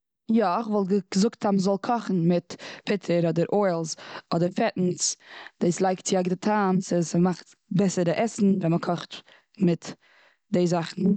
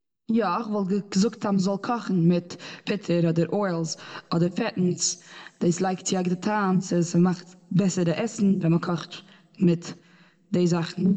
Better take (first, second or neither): first